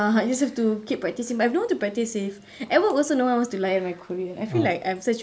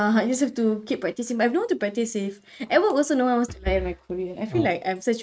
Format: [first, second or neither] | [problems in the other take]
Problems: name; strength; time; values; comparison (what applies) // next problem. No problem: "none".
first | noise reduction (neural mask model RNNoise)